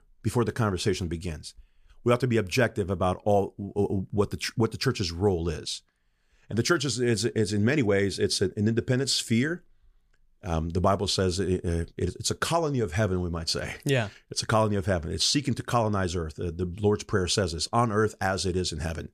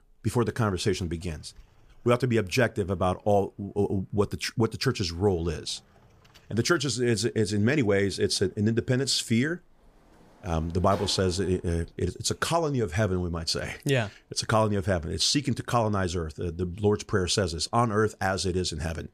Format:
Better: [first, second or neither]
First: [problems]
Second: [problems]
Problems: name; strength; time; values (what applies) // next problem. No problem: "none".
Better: first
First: none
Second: household noises; faint; throughout; 25 dB below the speech